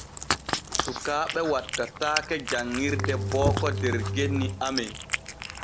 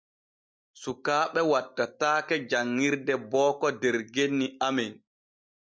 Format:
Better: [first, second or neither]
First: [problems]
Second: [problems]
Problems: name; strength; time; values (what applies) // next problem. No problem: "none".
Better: second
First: background sound (Cat + Bowed string instrument); 1 dB below the speech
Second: none